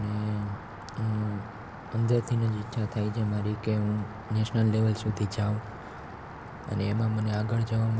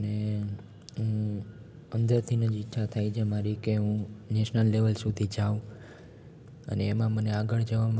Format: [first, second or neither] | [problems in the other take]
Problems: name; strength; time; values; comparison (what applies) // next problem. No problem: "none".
second | background sound (Rain); 14 dB below the speech